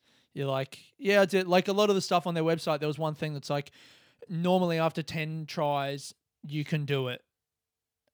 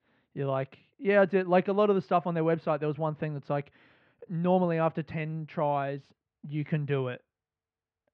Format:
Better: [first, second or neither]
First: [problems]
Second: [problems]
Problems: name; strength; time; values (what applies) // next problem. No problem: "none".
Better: first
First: none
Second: muffled; very; fading above 2 kHz